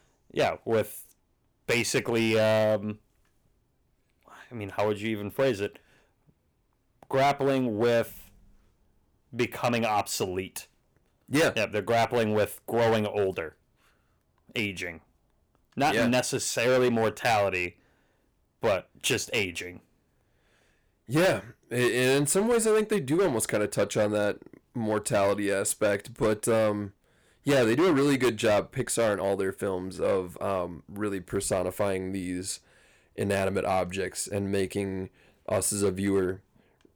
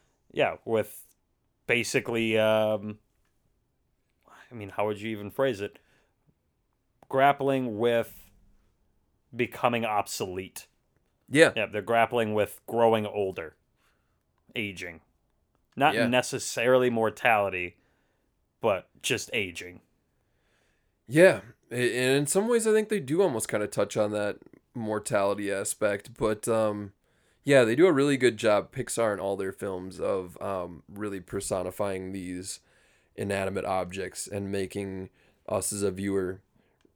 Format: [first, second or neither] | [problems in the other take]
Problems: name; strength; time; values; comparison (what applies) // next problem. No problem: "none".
second | distortion; heavy; 7% of the sound clipped